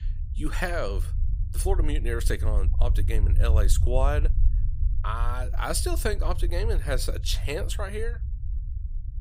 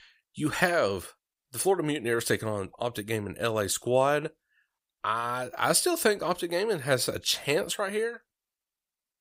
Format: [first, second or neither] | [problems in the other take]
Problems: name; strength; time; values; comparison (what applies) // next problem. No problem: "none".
second | low rumble; noticeable; throughout; 15 dB below the speech